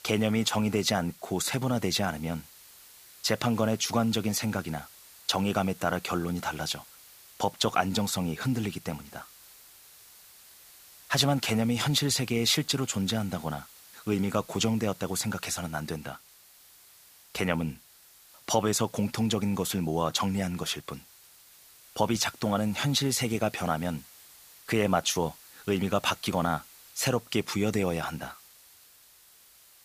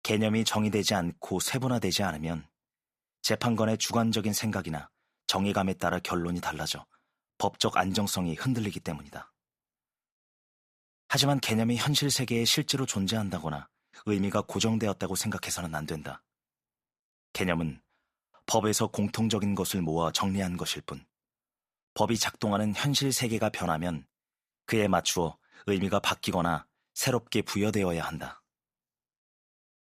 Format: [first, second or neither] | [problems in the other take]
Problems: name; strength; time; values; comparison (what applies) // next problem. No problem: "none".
second | hiss; faint; throughout; 20 dB below the speech